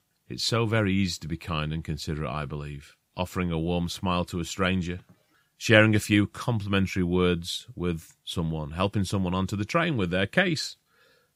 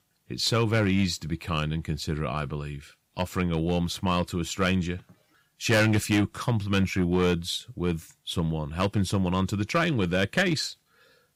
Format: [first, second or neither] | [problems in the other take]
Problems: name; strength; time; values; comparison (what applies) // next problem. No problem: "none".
first | distortion; slight; 4% of the sound clipped